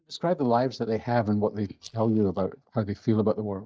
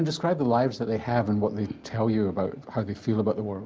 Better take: second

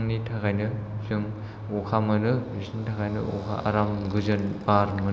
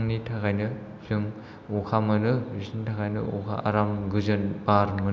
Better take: second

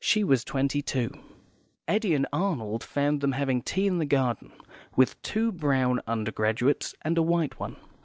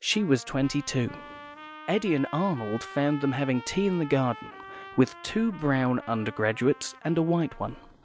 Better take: first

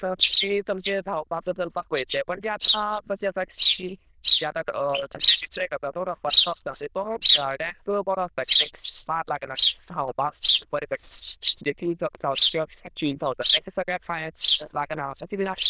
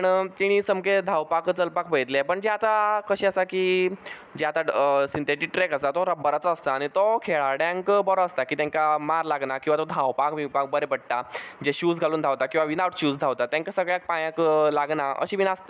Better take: second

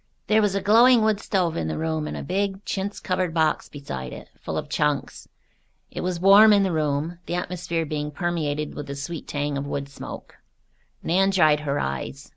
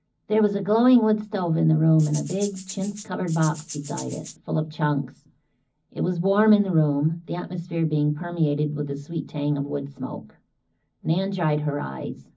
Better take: first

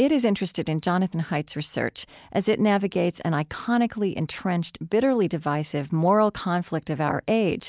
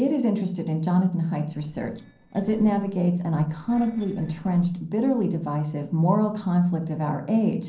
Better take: first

